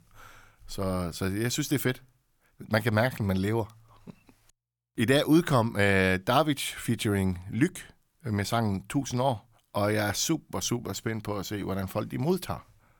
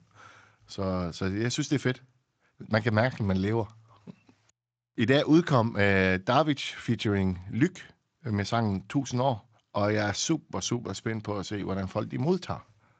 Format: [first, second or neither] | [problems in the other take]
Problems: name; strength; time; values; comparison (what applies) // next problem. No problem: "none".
first | garbled, watery; slightly